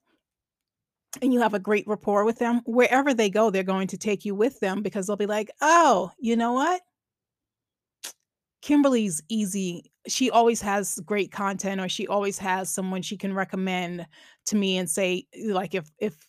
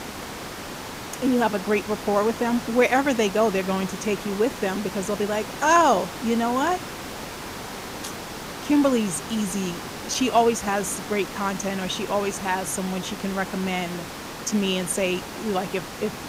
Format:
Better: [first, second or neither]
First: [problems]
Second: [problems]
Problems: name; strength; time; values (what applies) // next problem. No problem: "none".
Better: first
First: none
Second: hiss; loud; throughout; 10 dB below the speech